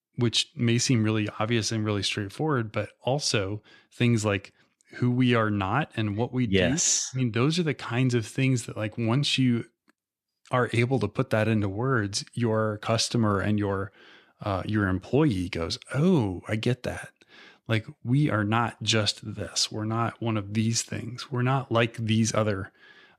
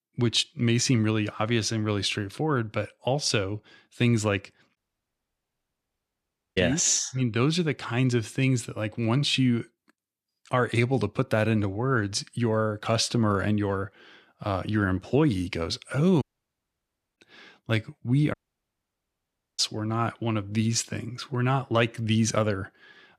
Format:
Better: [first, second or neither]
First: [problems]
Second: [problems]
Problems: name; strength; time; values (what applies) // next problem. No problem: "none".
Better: first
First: none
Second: audio cutting out; at 5 s for 2 s, at 16 s for 1 s and at 18 s for 1 s